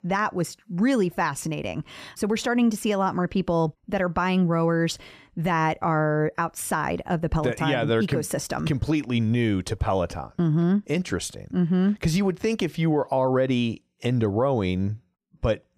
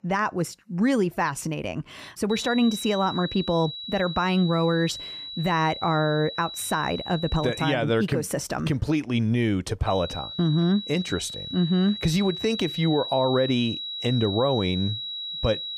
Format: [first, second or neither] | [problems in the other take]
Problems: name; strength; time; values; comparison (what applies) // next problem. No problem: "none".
first | high-pitched whine; loud; from 2.5 to 7.5 s and from 10 s on; 4 kHz, 8 dB below the speech